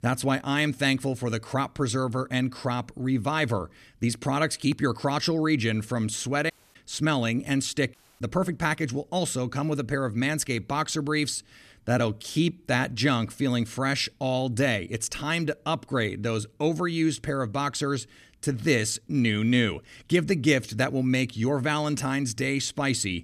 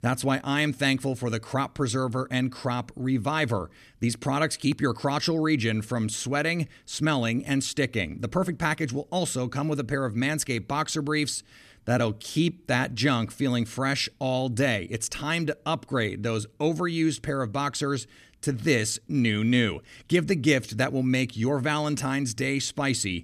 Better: second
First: audio cutting out; at 6.5 s and at 8 s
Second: none

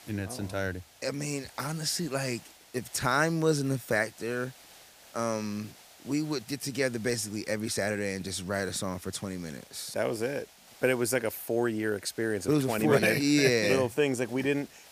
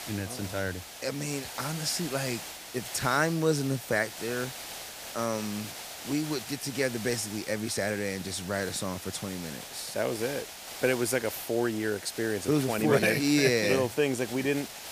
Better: first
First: hiss; faint; throughout; 25 dB below the speech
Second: hiss; loud; throughout; 10 dB below the speech

